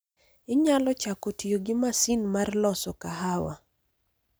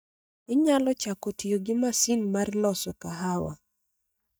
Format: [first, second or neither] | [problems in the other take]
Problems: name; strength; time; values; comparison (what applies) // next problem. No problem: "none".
first | noise reduction (neural mask model DeepFilterNet 3)